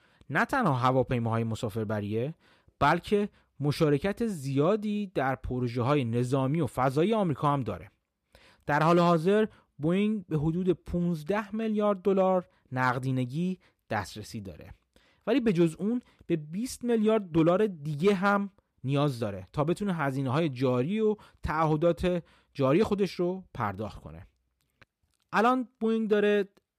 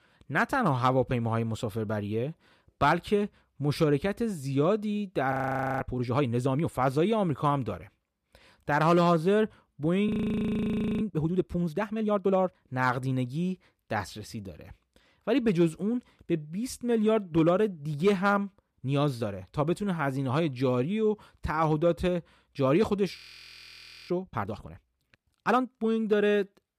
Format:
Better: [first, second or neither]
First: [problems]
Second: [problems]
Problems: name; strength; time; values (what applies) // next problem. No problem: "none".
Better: first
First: none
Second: audio freezing; at 5.5 s, at 10 s for 1 s and at 23 s for 1 s